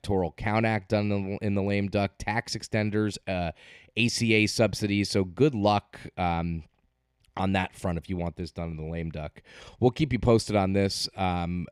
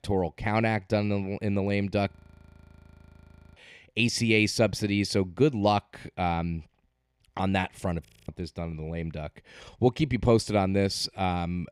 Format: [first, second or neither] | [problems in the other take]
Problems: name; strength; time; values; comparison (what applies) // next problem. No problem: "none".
first | audio freezing; at 2 s for 1.5 s and at 8 s